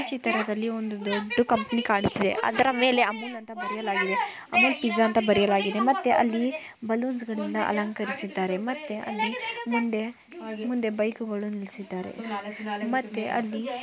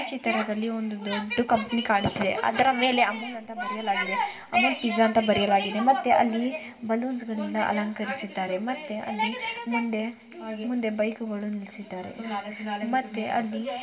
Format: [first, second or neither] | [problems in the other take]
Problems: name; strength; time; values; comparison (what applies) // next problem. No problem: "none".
first | room echo; dies away in 3 s